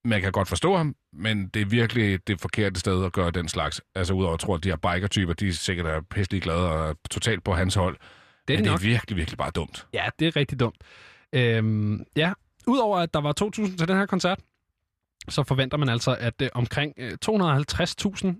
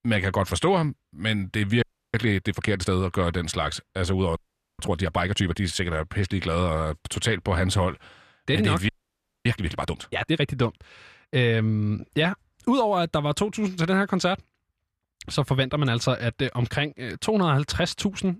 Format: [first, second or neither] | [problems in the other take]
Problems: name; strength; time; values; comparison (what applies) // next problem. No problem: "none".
first | audio freezing; at 2 s, at 4.5 s and at 9 s for 0.5 s